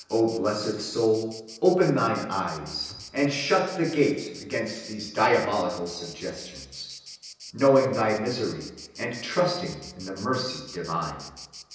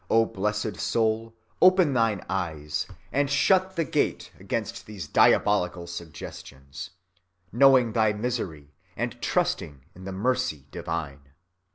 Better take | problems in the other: second | background sound (Insect); 18 dB below the speech // room echo; dies away in 0.9 s

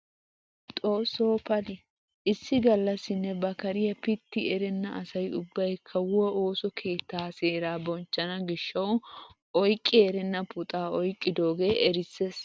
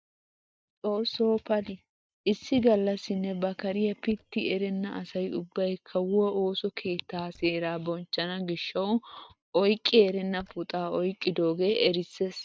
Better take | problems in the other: first | noise reduction (neural mask model DeepFilterNet 3)

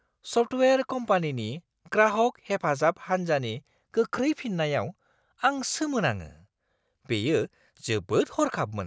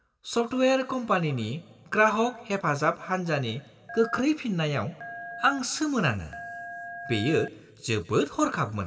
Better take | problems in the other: first | background sound (Telephone); 13 dB below the speech // room echo; dies away in 1 s

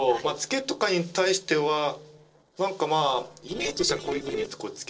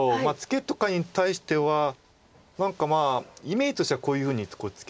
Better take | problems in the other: second | noise reduction (neural separator model SepFormer DNS4)

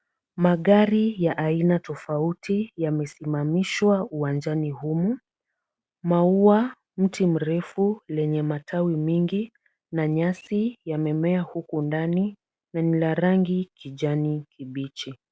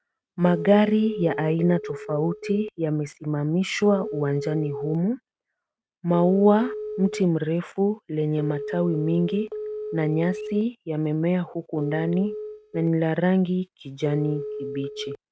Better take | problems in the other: first | noise reduction (neural mask model RNNoise)

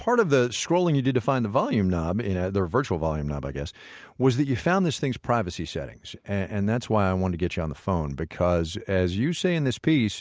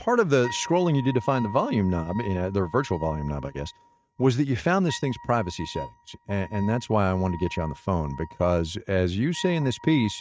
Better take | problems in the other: first | noise reduction (neural mask model RNNoise)

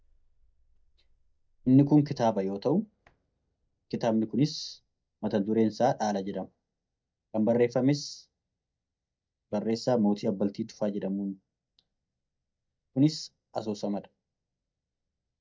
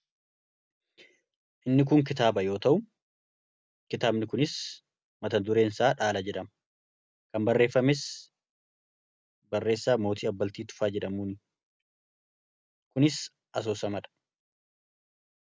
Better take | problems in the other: second | noise reduction (neural mask model DeepFilterNet 3)

